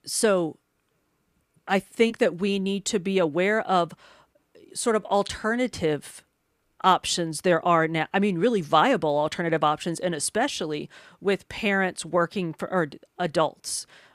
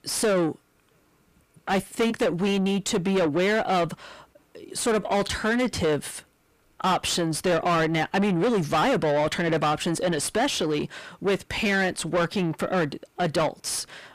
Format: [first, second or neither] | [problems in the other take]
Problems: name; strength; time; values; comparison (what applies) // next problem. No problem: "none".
first | distortion; heavy; 6 dB below the speech